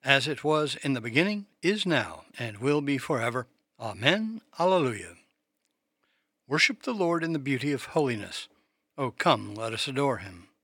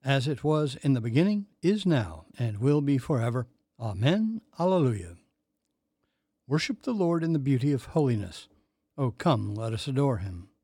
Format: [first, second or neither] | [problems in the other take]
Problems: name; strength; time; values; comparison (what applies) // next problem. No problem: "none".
second | thin; somewhat; fading below 650 Hz